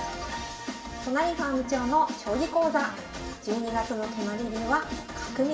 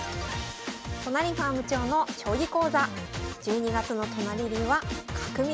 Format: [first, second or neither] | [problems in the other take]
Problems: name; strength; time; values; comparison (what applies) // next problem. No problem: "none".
second | room echo; dies away in 0.7 s